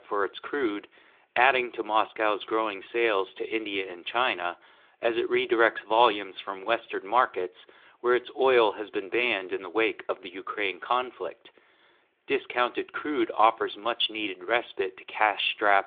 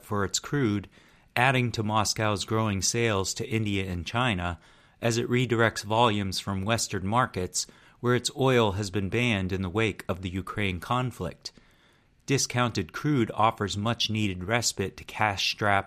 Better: second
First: phone-call audio; nothing above 3.5 kHz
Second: none

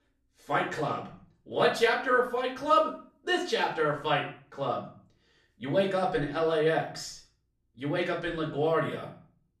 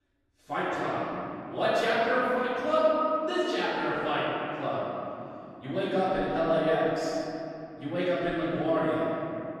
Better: first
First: room echo; slight; dies away in 0.4 s // off-mic speech; far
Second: room echo; strong; dies away in 3 s // off-mic speech; far

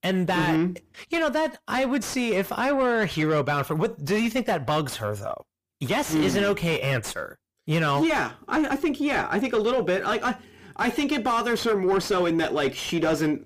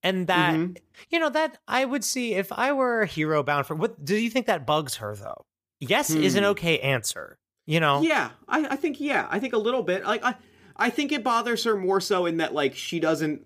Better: second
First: distortion; heavy; 8 dB below the speech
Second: none

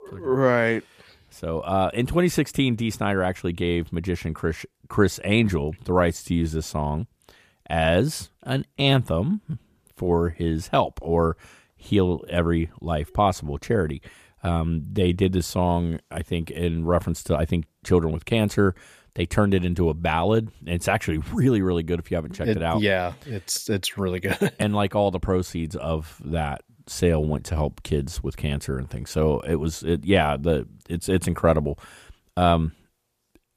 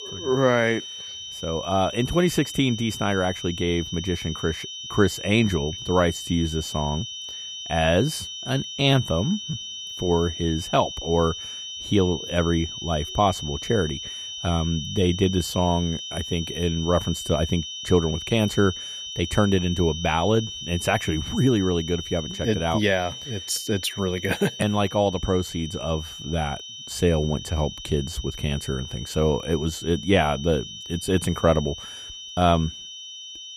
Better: first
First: none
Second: high-pitched whine; loud; throughout; 3 kHz, 9 dB below the speech

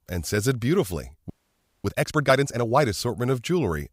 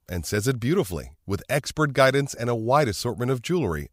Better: second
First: audio freezing; at 1.5 s for 0.5 s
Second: none

